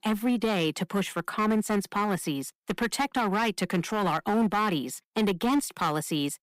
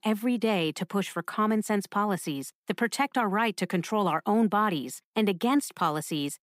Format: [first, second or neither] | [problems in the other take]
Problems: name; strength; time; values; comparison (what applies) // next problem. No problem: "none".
second | distortion; slight; 8% of the sound clipped